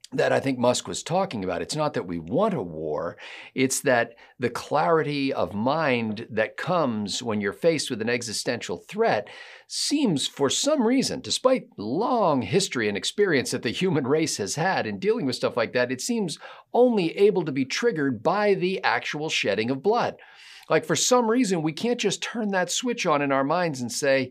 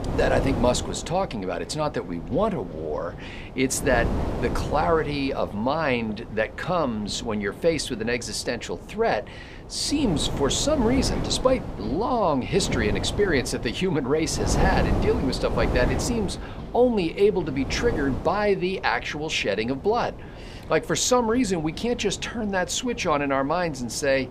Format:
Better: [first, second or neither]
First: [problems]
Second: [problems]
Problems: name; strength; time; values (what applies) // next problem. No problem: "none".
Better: first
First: none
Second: wind noise on the microphone; occasional gusts; 10 dB below the speech